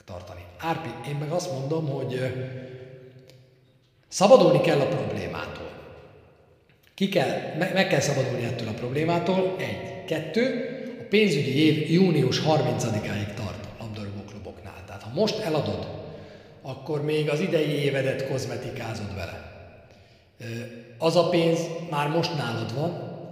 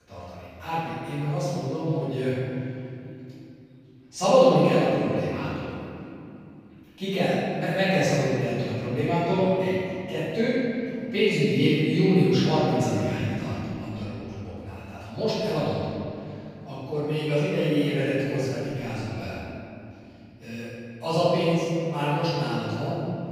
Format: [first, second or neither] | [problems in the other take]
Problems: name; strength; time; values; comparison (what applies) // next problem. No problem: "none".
first | room echo; strong; dies away in 2.8 s; slight in the first // off-mic speech; far